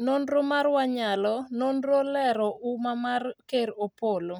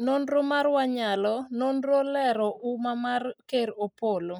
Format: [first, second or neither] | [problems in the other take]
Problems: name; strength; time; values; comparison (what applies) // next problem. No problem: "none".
first | noise reduction (neural mask model Resemble Enhance denoiser)